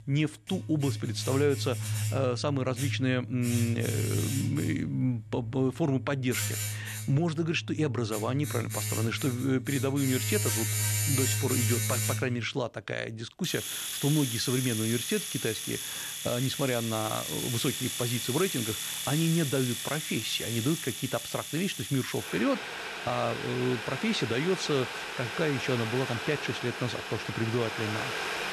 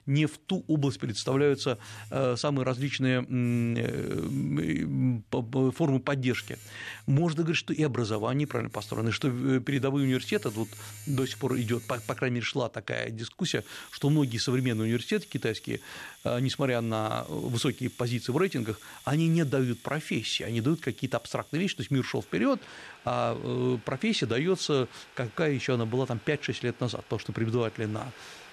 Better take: second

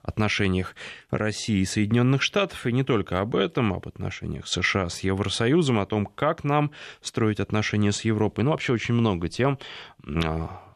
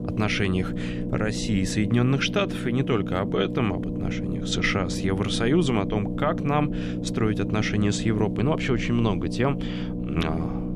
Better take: first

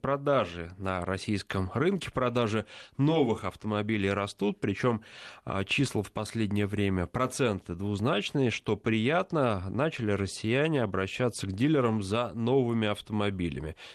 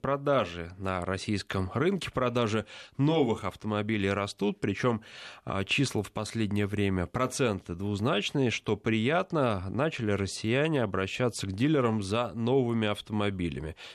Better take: second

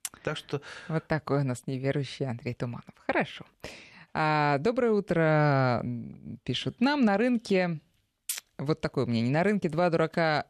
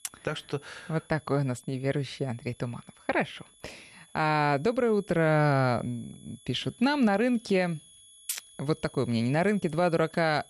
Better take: first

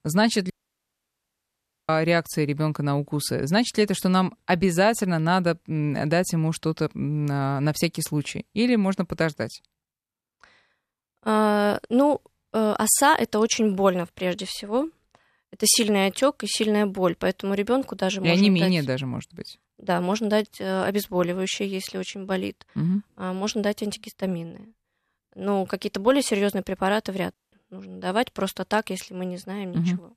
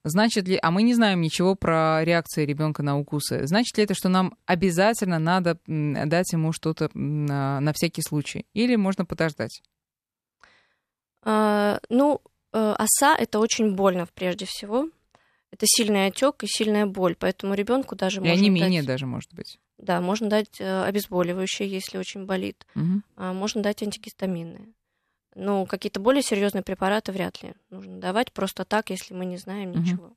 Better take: second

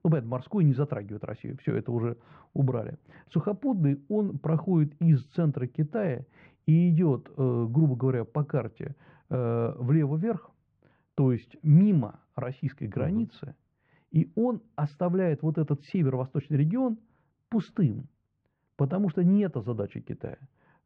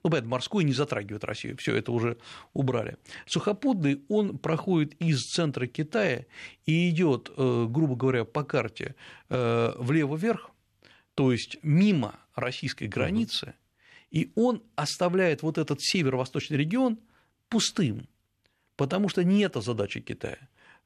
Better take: second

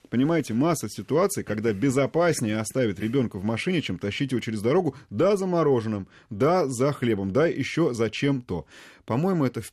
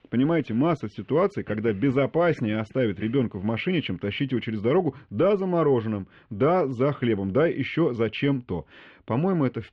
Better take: first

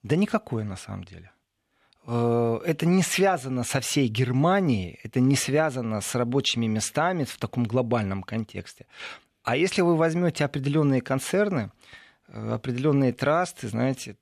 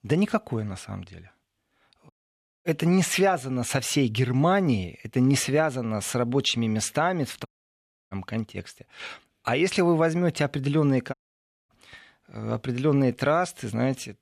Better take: first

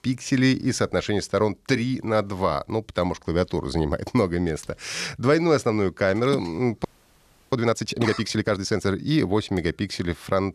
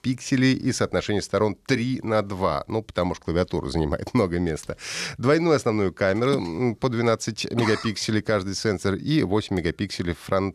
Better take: second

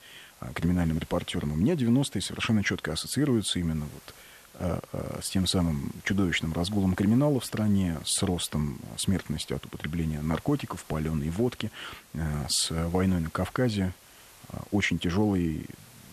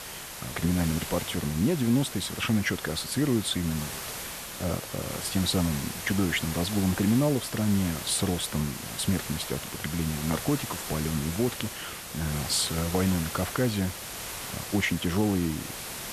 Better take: first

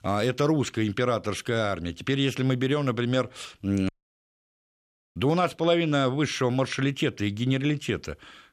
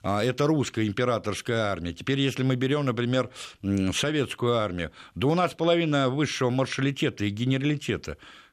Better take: second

